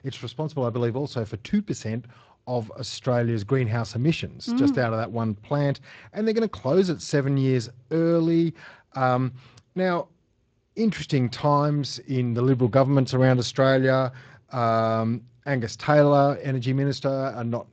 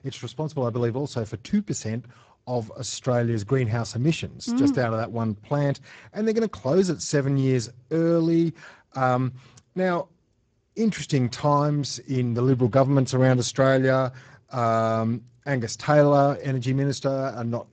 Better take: first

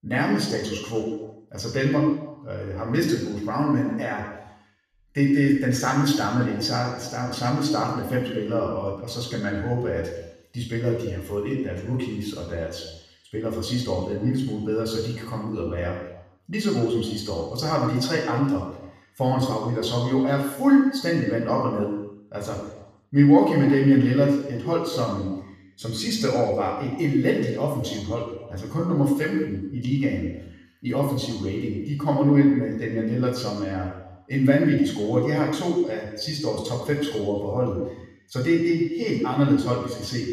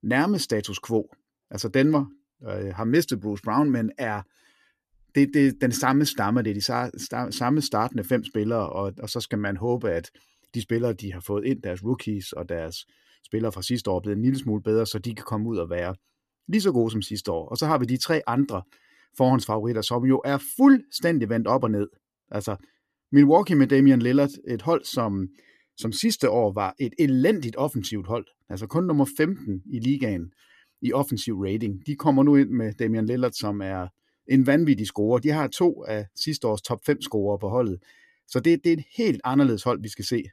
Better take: second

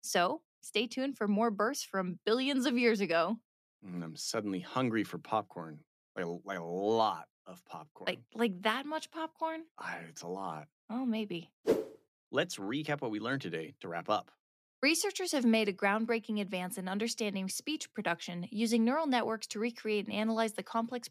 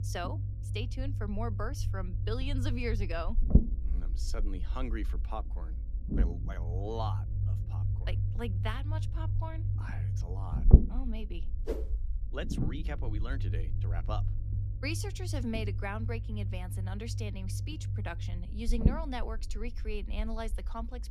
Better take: first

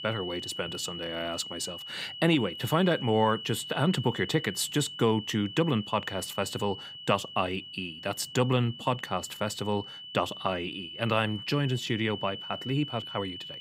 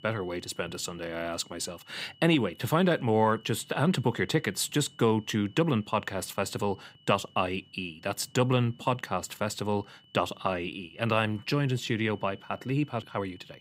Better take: second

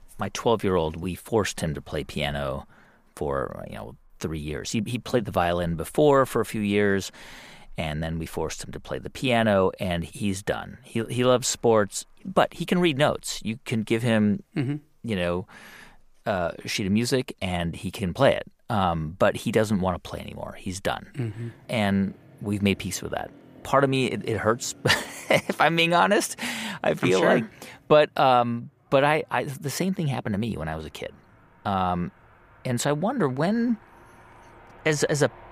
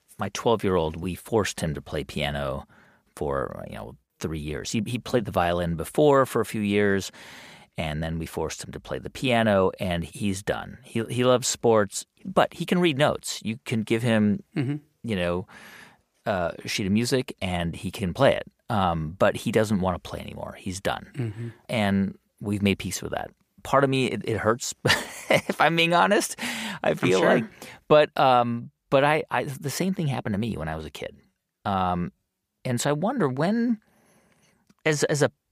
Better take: second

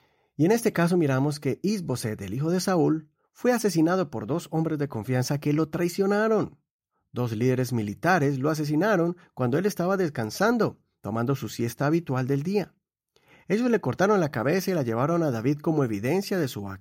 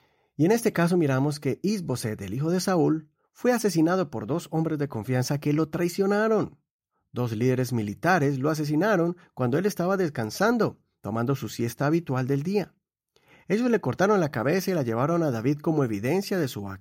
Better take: neither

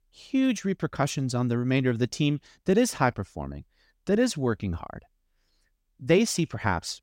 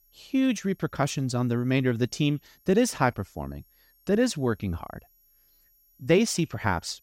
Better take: first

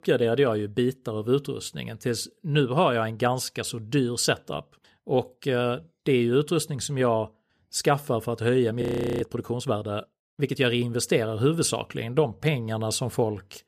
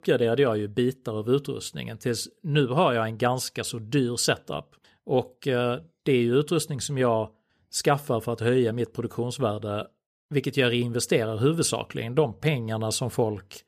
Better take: second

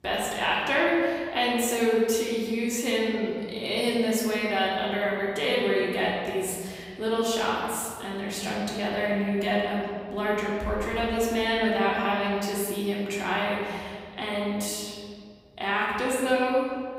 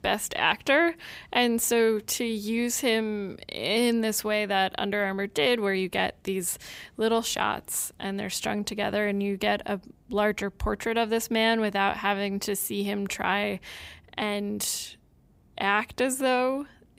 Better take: second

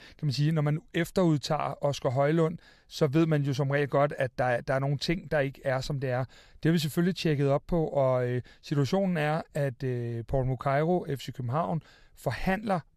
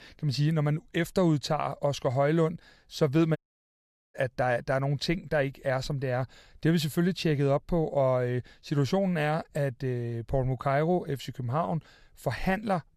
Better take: first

